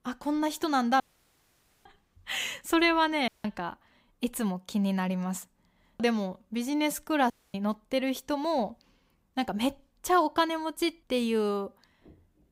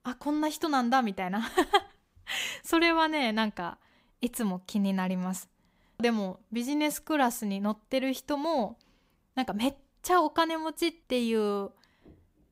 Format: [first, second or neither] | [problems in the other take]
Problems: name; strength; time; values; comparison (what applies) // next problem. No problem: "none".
second | audio cutting out; at 1 s for 1 s, at 3.5 s and at 7.5 s